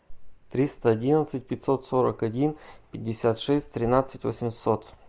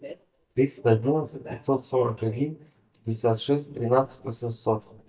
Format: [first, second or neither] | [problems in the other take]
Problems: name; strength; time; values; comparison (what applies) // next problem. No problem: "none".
first | noise reduction (neural mask model DeepFilterNet 3)